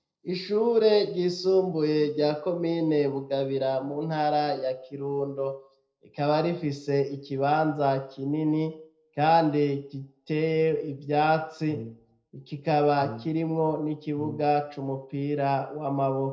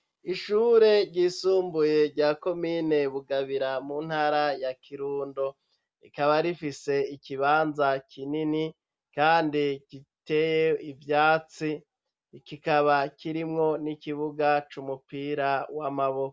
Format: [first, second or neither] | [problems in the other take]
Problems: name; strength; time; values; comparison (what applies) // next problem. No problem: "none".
second | noise reduction (neural separator model SepFormer DNS4)